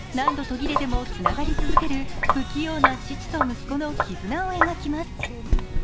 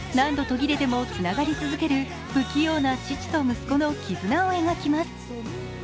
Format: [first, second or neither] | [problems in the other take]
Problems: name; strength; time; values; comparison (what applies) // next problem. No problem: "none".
second | background sound (Sink (filling or washing)); 4 dB above the speech